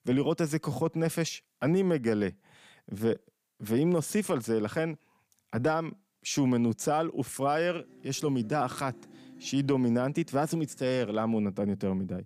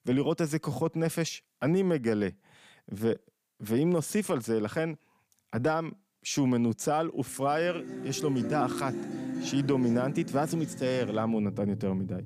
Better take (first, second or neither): first